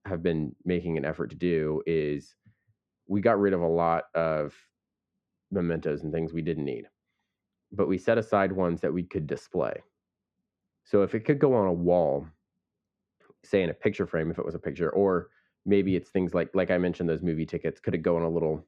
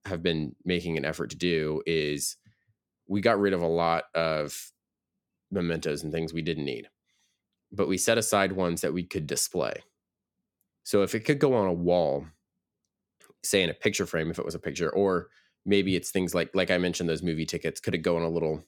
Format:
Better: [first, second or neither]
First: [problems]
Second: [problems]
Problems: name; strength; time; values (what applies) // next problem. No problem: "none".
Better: second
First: muffled; very; fading above 1.5 kHz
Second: none